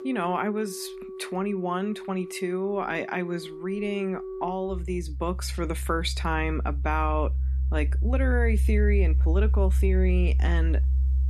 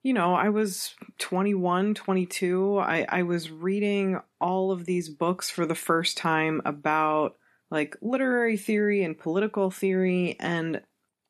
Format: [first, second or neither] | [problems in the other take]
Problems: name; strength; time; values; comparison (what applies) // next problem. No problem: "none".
second | background music; very loud; throughout; 3 dB above the speech